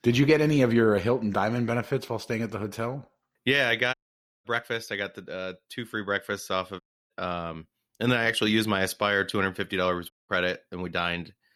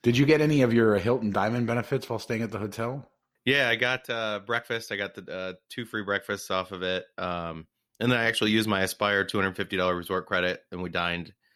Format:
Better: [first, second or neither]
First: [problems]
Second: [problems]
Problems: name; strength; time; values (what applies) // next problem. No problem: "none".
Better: second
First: audio cutting out; at 4 s for 0.5 s, at 7 s and at 10 s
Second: none